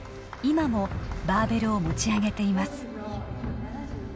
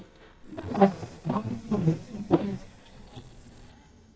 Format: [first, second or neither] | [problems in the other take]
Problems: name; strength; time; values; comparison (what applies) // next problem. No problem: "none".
first | noise reduction (neural mask model DeepFilterNet 3)